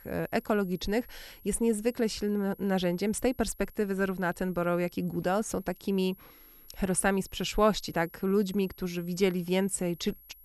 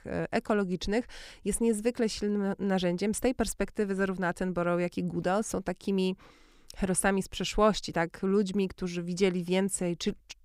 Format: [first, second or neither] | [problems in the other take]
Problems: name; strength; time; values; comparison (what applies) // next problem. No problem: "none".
second | high-pitched whine; faint; throughout; 11.5 kHz, 25 dB below the speech